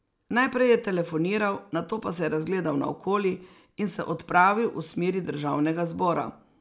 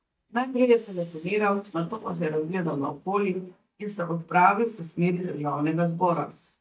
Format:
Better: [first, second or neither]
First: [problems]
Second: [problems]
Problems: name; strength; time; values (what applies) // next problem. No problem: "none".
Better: first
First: none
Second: noise reduction (neural mask model DeepFilterNet 3)